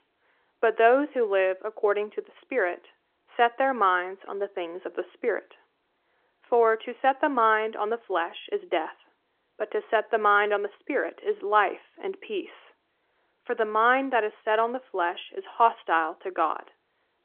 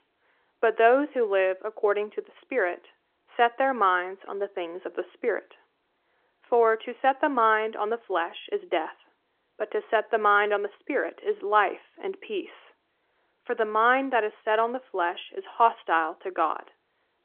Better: neither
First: phone-call audio; nothing above 3.5 kHz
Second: phone-call audio; nothing above 3.5 kHz

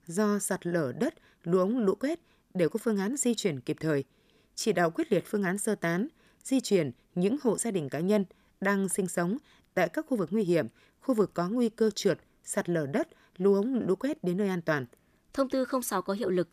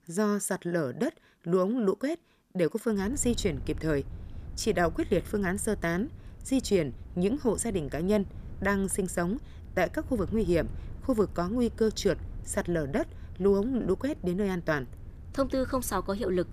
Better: first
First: none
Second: wind noise on the microphone; occasional gusts; from 3 s on; 25 dB below the speech

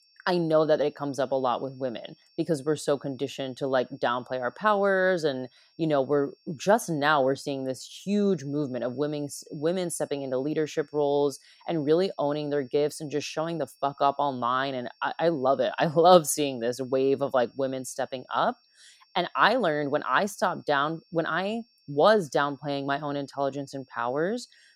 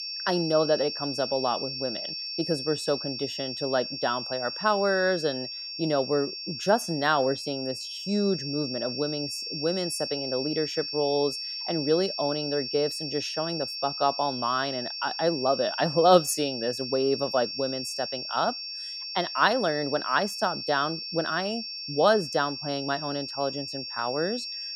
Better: first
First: high-pitched whine; faint; throughout; 5.5 kHz, 35 dB below the speech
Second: high-pitched whine; loud; throughout; 5.5 kHz, 5 dB below the speech

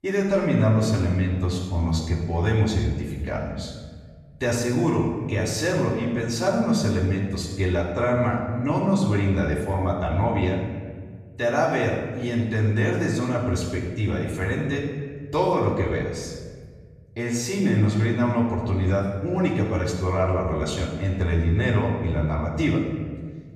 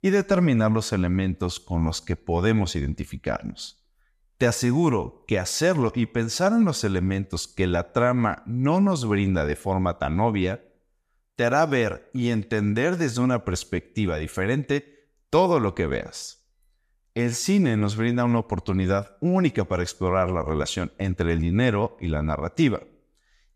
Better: second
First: off-mic speech; far // room echo; noticeable; dies away in 1.4 s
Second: none

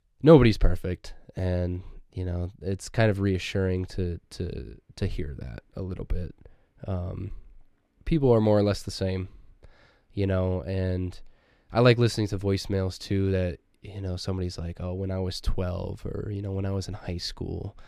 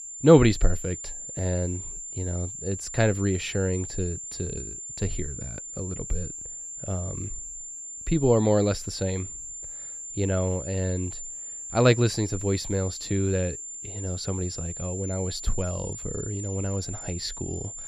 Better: first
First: none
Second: high-pitched whine; loud; throughout; 7 kHz, 8 dB below the speech

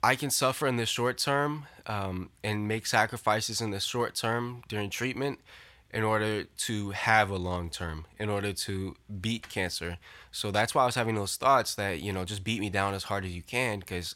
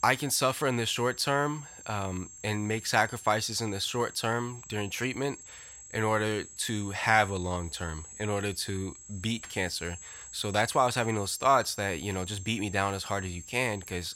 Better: first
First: none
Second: high-pitched whine; noticeable; throughout; 7.5 kHz, 15 dB below the speech

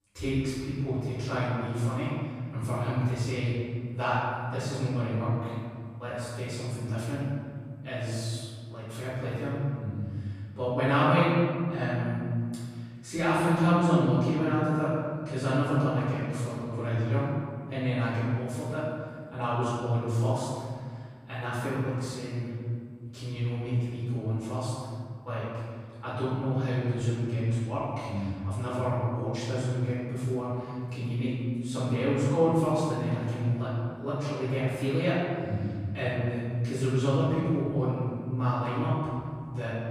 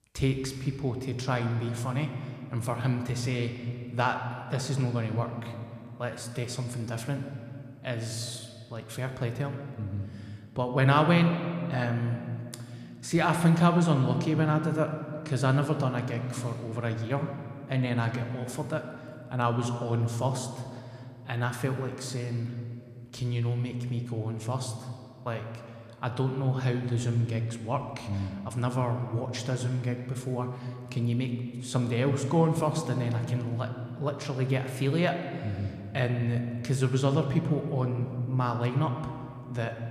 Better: second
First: room echo; strong; dies away in 2 s // off-mic speech; far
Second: room echo; slight; dies away in 2 s

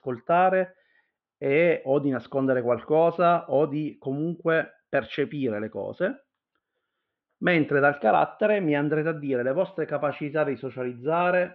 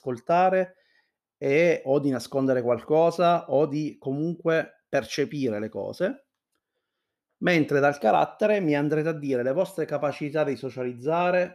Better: second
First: muffled; very; fading above 3.5 kHz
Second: none

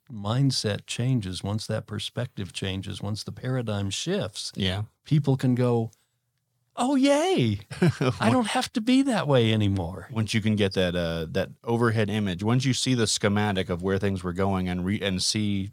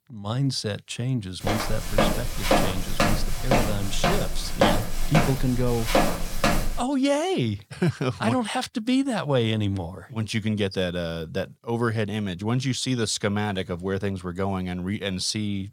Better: first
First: none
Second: footsteps; loud; from 1.5 to 7 s; peak 4 dB above the speech

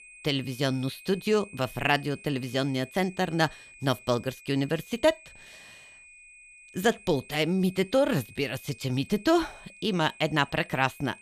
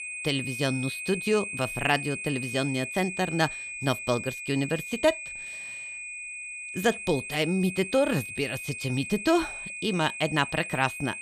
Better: first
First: high-pitched whine; faint; throughout; 2.5 kHz, 20 dB below the speech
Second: high-pitched whine; loud; throughout; 2.5 kHz, 7 dB below the speech

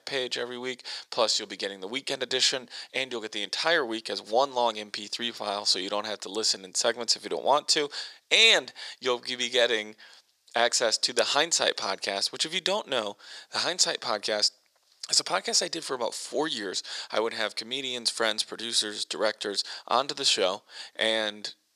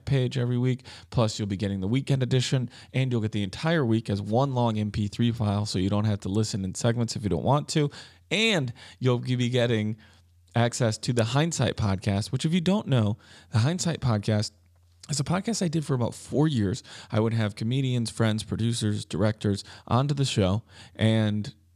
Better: second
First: thin; very; fading below 450 Hz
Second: none

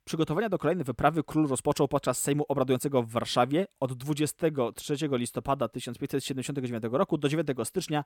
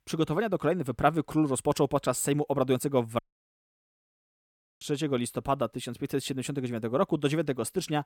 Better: first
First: none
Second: audio cutting out; at 3 s for 1.5 s

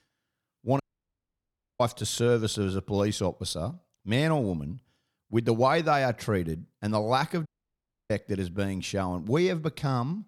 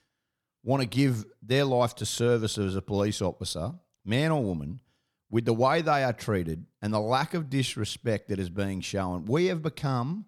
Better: second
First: audio cutting out; at 1 s for 1 s and at 7.5 s for 0.5 s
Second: none

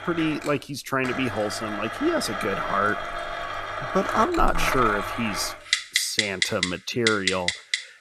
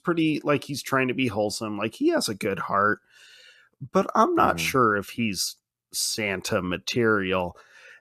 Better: second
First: household noises; loud; throughout; 2 dB below the speech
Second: none

